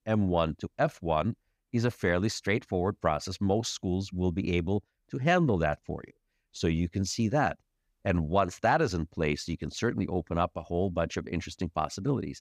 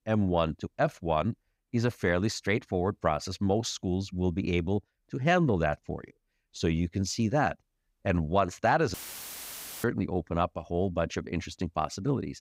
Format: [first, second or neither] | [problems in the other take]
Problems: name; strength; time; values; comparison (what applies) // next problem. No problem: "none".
first | audio cutting out; filled with static; at 9 s for 1 s